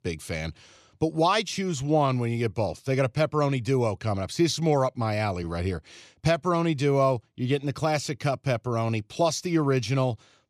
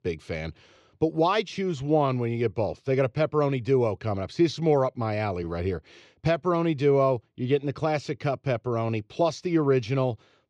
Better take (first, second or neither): first